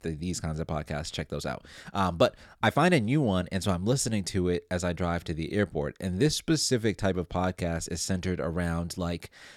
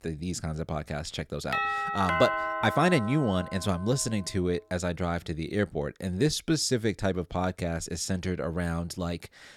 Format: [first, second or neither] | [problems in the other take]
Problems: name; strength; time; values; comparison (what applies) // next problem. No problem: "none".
first | doorbell; loud; from 1.5 to 3.5 s; peak 2 dB above the speech